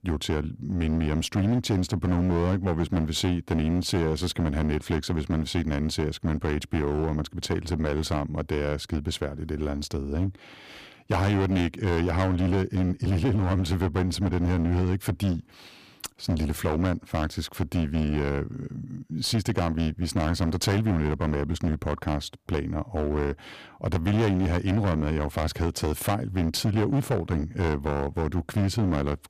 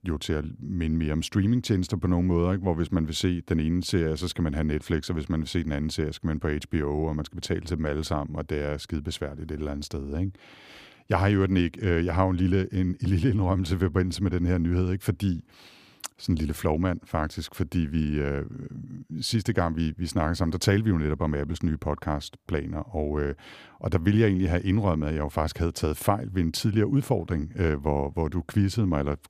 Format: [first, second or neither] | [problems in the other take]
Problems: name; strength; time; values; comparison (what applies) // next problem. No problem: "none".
second | distortion; slight; 15% of the sound clipped